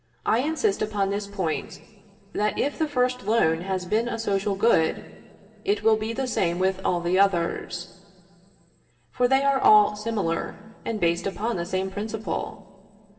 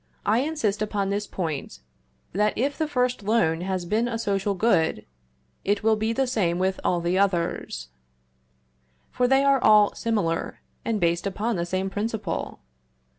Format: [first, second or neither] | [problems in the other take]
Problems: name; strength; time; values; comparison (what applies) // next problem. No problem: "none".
second | room echo; dies away in 2 s